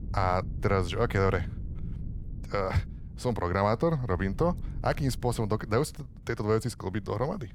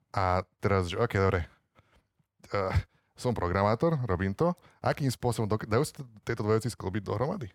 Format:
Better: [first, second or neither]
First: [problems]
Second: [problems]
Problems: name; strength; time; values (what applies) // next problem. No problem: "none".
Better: second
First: wind noise on the microphone; occasional gusts; 25 dB below the speech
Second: none